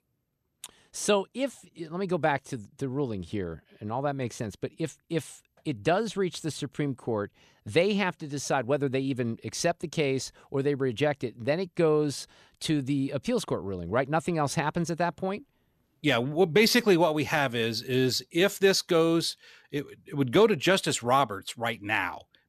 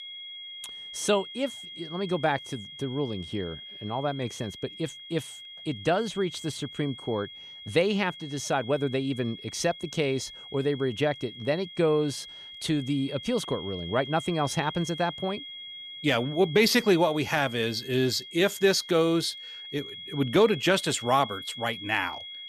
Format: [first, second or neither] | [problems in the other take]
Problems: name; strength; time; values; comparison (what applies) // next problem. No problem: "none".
first | high-pitched whine; noticeable; throughout; 3.5 kHz, 10 dB below the speech